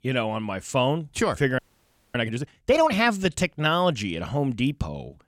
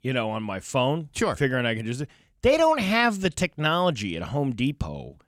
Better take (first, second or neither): second